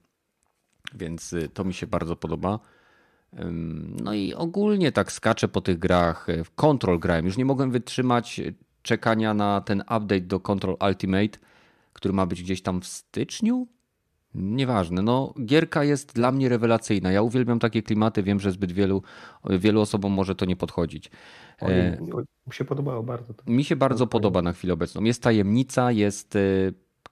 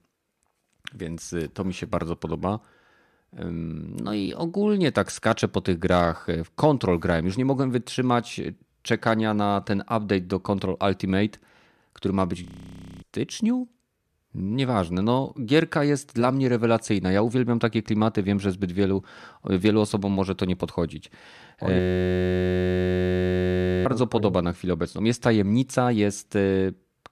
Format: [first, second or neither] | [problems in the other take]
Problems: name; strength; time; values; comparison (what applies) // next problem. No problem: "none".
first | audio freezing; at 12 s for 0.5 s and at 22 s for 2 s